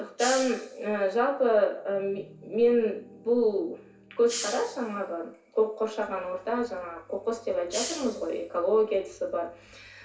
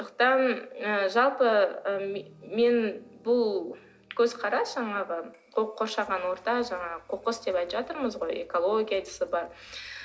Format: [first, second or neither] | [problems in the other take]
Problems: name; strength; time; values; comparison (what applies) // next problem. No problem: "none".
second | background sound (Hiss); 13 dB below the speech // room echo; dies away in 0.3 s